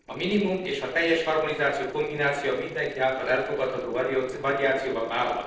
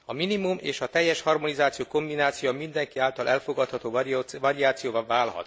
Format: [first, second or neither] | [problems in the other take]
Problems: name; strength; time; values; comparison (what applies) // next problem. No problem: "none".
second | noise reduction (neural separator model SepFormer DNS4)